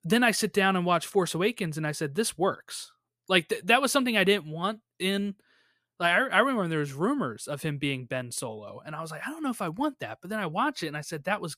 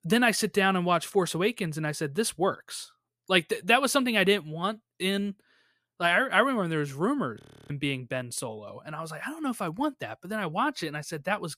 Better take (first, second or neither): first